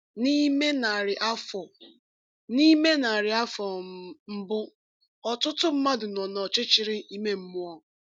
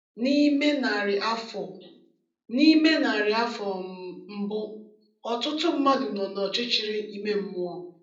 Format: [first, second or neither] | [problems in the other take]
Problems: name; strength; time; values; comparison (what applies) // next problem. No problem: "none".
first | room echo; dies away in 0.6 s